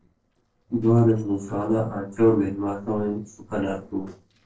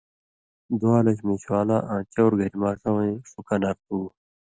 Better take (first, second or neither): second